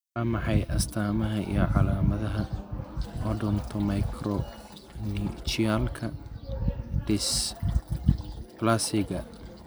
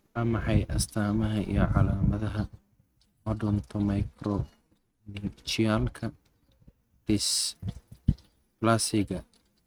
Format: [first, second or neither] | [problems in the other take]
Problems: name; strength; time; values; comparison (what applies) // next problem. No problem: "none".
first | noise reduction (neural mask model RNNoise)